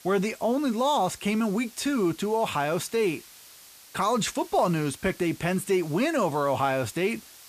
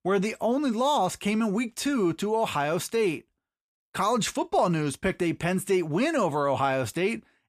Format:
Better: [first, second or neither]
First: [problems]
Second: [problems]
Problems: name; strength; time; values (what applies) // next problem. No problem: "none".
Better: second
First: hiss; faint; throughout; 20 dB below the speech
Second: none